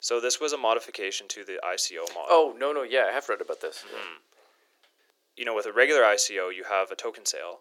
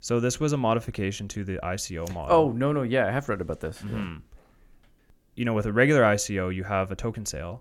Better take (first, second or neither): second